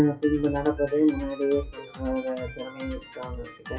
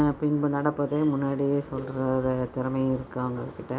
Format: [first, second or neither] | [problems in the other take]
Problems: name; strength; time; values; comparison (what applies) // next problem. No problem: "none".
second | noise reduction (classical method WPE with log-MMSE)